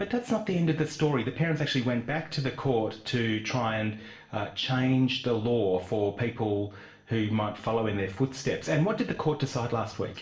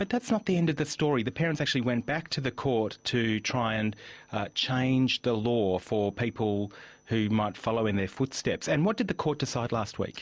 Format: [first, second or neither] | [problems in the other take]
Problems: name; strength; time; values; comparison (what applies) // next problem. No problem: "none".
second | room echo; dies away in 0.5 s